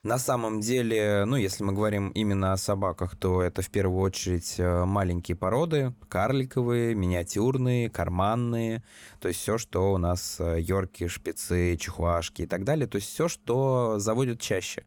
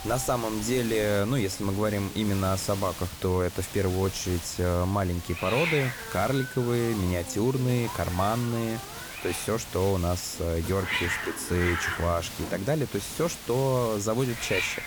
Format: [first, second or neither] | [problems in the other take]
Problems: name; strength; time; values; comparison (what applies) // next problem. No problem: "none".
first | hiss; loud; throughout; 7 dB below the speech